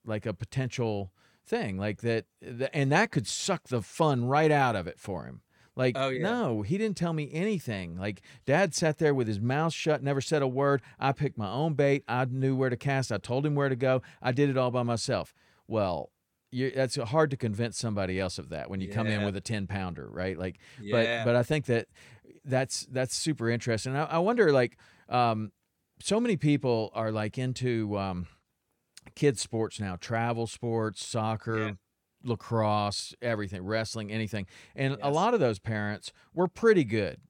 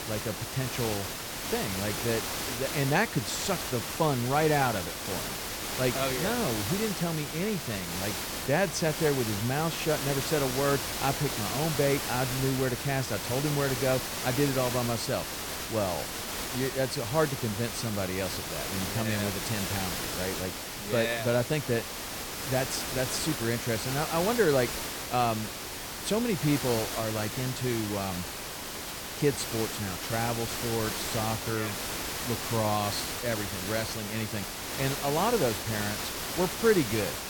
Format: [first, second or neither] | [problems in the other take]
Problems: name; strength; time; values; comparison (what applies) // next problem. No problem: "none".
first | hiss; loud; throughout; 3 dB below the speech